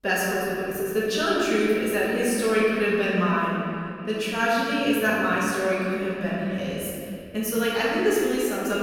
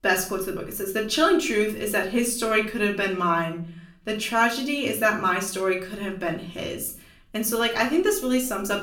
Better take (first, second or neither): second